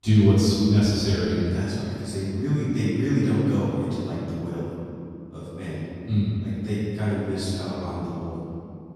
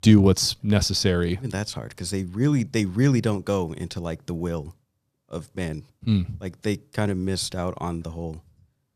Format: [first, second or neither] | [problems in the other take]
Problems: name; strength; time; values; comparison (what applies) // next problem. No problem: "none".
second | off-mic speech; far // room echo; strong; dies away in 2.7 s